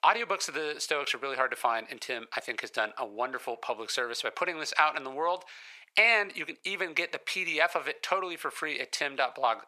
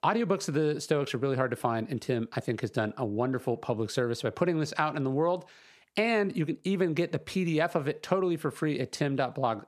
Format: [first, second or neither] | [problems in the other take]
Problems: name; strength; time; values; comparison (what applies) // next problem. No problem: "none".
second | thin; very; fading below 900 Hz